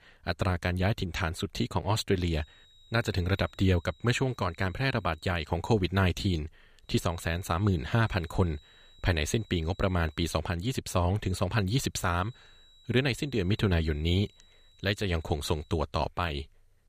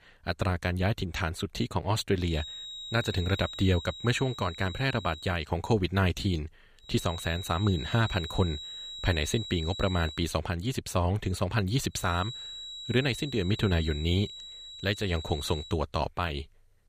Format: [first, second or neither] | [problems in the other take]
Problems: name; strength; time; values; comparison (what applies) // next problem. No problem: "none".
first | high-pitched whine; loud; from 2.5 to 5.5 s, from 7 to 10 s and from 12 to 16 s; 4 kHz, 10 dB below the speech; faint in the first